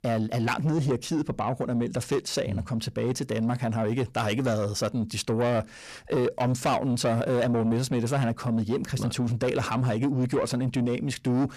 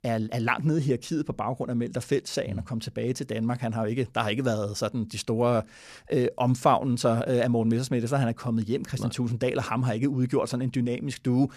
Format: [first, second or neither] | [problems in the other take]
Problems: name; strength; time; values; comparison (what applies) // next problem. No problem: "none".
second | distortion; slight; 10 dB below the speech